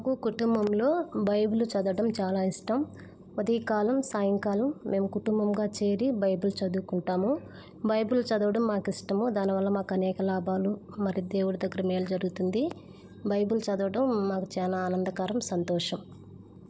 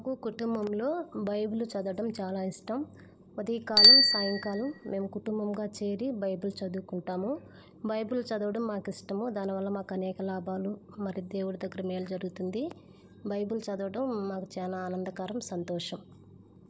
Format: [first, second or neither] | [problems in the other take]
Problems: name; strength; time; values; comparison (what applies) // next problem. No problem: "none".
first | background sound (Bicycle bell); as loud as the speech